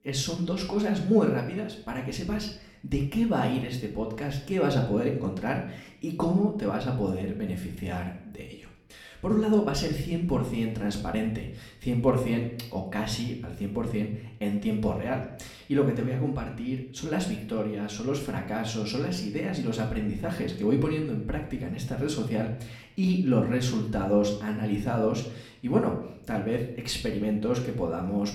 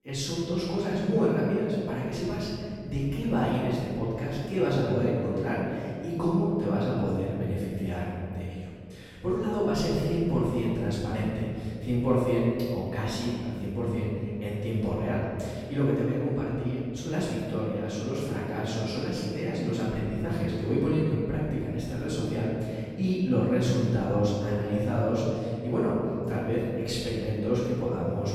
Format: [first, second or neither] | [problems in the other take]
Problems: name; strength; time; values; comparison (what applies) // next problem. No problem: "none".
first | room echo; strong; dies away in 2.4 s; slight in the first // off-mic speech; far; somewhat distant in the first